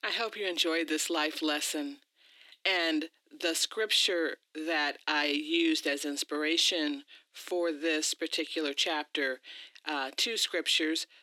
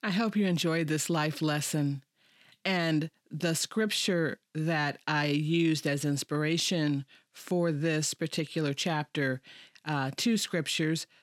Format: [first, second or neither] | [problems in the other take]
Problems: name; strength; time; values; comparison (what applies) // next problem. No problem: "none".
second | thin; somewhat; fading below 300 Hz